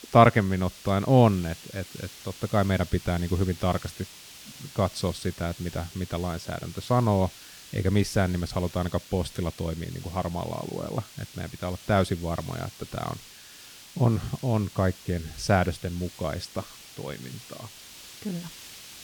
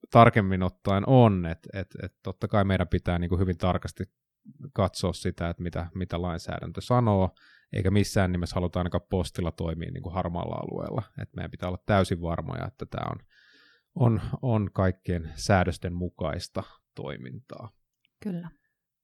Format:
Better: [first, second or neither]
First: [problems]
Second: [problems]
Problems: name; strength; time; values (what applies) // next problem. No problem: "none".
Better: second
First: hiss; noticeable; throughout; 15 dB below the speech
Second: none